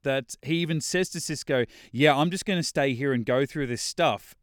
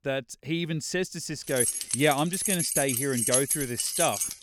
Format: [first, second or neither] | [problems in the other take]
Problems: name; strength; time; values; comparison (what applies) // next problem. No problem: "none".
first | jangling keys; loud; from 1.5 s on; peak 5 dB above the speech